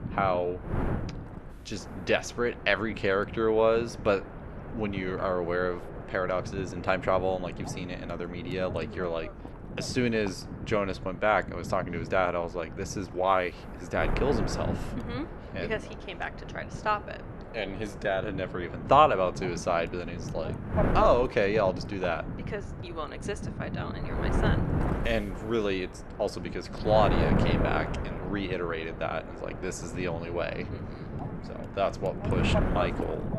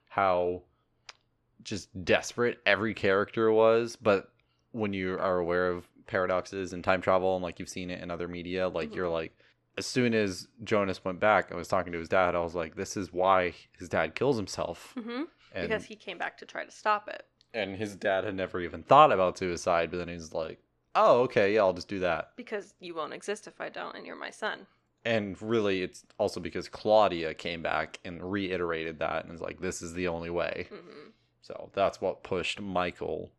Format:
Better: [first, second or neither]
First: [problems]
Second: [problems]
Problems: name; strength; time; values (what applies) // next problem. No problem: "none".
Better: second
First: wind noise on the microphone; heavy; 10 dB below the speech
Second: none